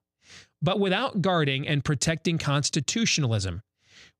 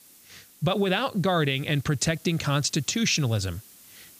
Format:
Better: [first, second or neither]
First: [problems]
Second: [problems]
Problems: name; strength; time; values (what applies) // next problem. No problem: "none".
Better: first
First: none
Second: hiss; faint; throughout; 25 dB below the speech